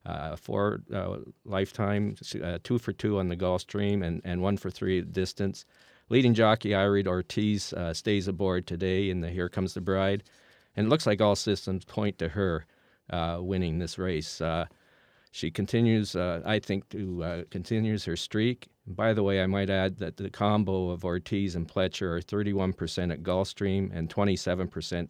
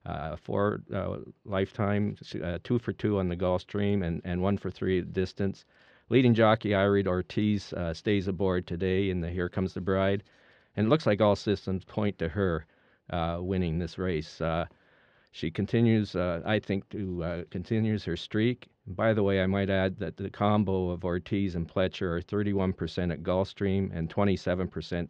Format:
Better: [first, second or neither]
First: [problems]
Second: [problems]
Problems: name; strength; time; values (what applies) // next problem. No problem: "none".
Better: first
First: none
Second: muffled; slightly; fading above 3 kHz